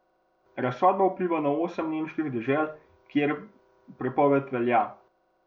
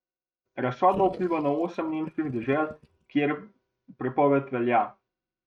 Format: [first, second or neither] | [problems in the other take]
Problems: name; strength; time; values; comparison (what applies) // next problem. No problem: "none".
first | noise reduction (neural mask model RNNoise)